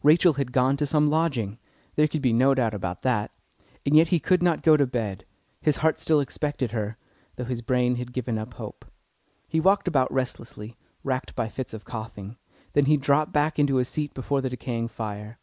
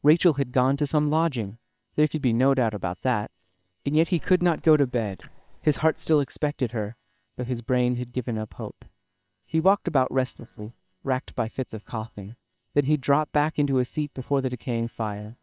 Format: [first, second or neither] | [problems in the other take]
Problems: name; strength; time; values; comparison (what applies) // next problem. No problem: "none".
first | noise reduction (neural separator model SepFormer WHAM!)